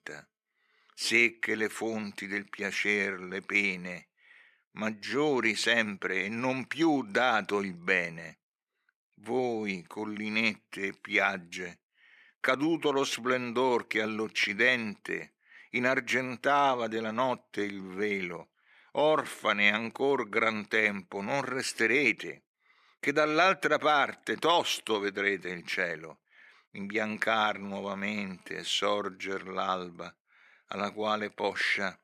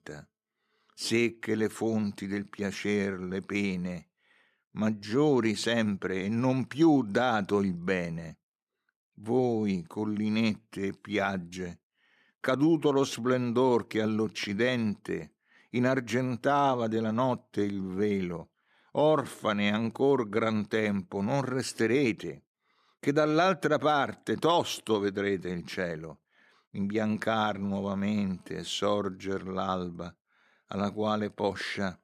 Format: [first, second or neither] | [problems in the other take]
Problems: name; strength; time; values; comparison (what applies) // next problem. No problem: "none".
second | thin; somewhat; fading below 500 Hz